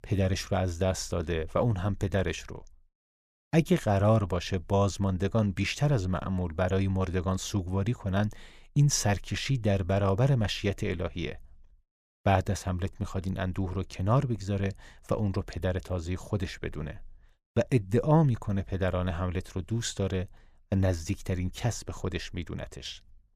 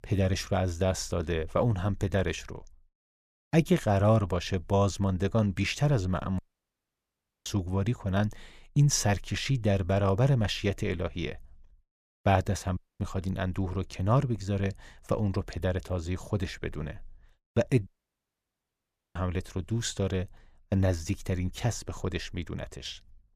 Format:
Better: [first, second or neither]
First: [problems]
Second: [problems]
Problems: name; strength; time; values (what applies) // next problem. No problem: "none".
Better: first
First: none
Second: audio cutting out; at 6.5 s for 1 s, at 13 s and at 18 s for 1.5 s